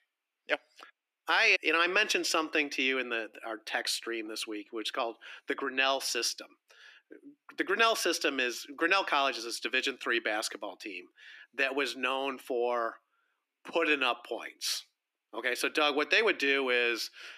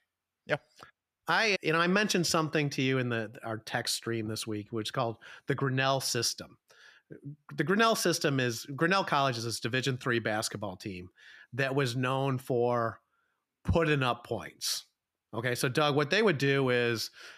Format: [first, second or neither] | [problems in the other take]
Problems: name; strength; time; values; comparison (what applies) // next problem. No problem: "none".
second | thin; somewhat; fading below 300 Hz